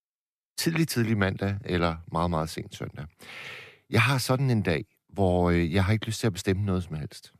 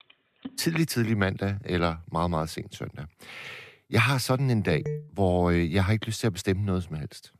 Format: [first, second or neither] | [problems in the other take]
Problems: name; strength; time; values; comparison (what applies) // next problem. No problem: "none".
first | phone ringing; faint; at the start; peak 20 dB below the speech // phone ringing; noticeable; at 4.5 s; peak 6 dB below the speech